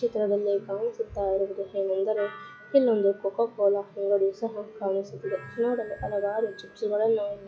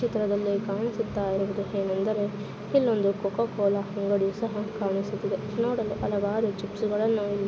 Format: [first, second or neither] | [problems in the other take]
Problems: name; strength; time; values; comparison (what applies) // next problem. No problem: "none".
second | noise reduction (classical method log-MMSE)